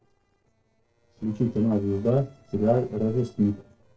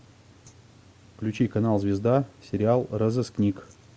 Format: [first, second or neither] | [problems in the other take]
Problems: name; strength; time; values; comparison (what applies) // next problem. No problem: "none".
second | noise reduction (neural separator model SepFormer DNS4)